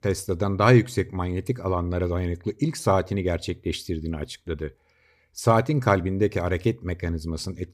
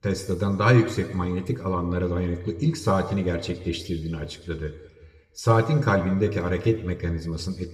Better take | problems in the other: first | room echo; slight; dies away in 1.3 s // off-mic speech; somewhat distant

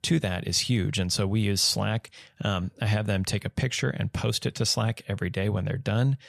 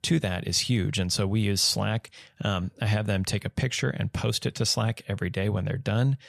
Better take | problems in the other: neither | none

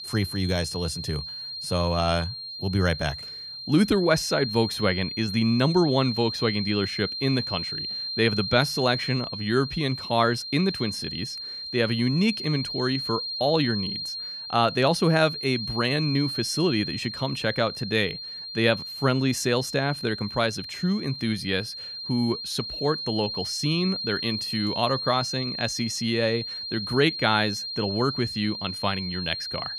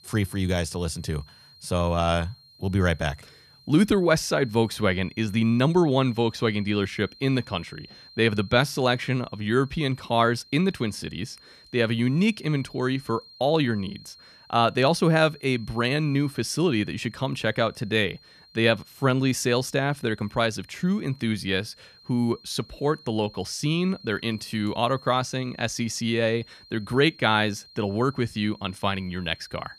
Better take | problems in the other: second | high-pitched whine; loud; throughout; 4 kHz, 6 dB below the speech; faint in the second

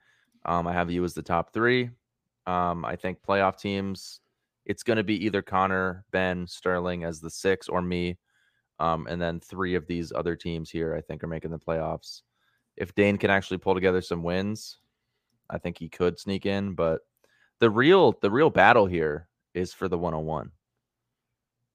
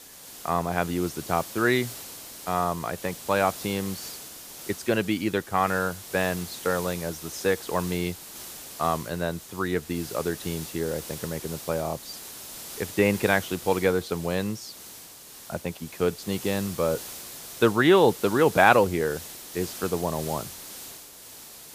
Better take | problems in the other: first | hiss; noticeable; throughout; 10 dB below the speech

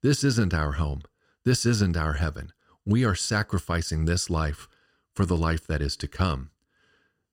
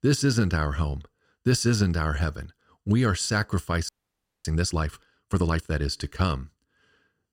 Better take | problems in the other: first | audio freezing; at 4 s for 0.5 s

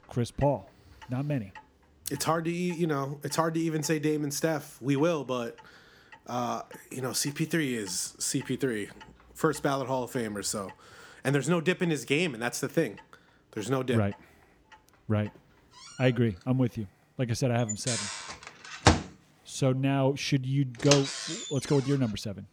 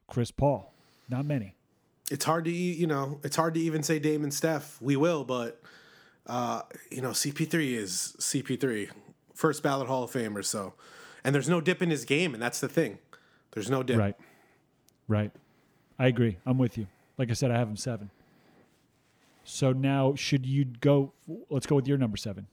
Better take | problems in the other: second | household noises; loud; throughout; 2 dB below the speech

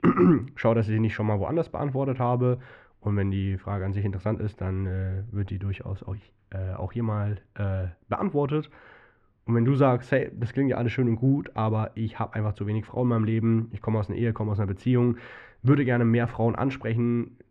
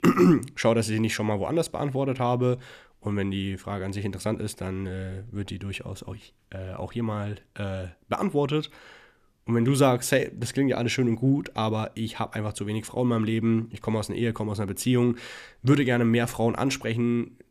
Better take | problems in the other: second | muffled; very; fading above 1.5 kHz

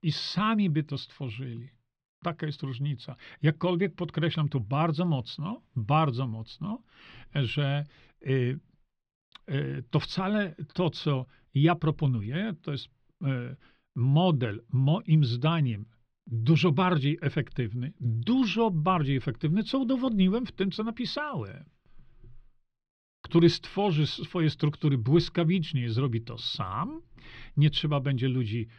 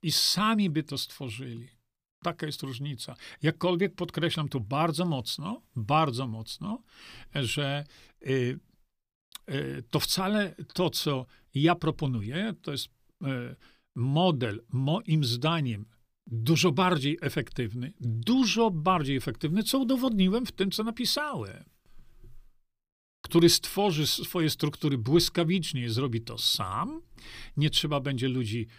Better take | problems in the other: second | muffled; slightly; fading above 3.5 kHz

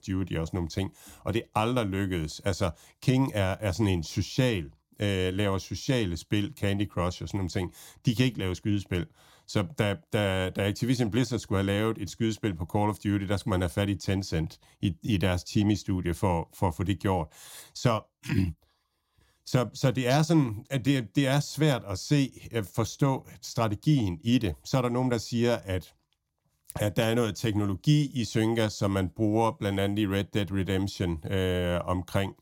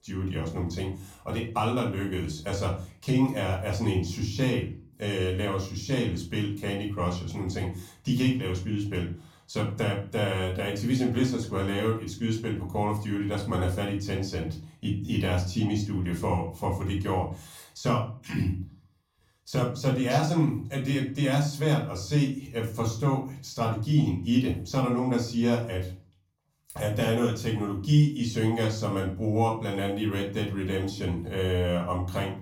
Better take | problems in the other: first | off-mic speech; far // room echo; slight; dies away in 0.3 s

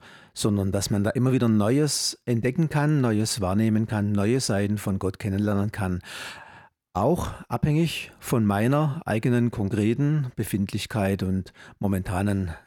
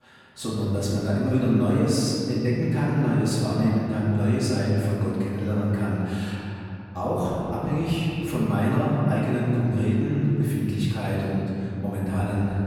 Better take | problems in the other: first | off-mic speech; far // room echo; strong; dies away in 3 s

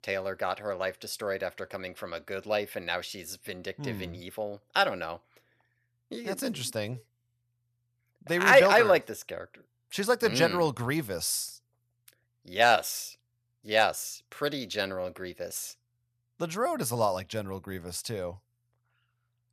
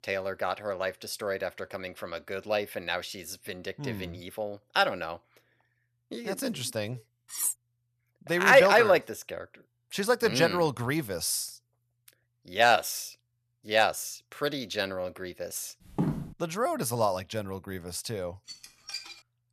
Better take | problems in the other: first | clattering dishes; noticeable; at 7.5 s; peak 1 dB below the speech // footsteps; noticeable; at 16 s; peak 3 dB below the speech // clattering dishes; faint; at 18 s; peak 10 dB below the speech

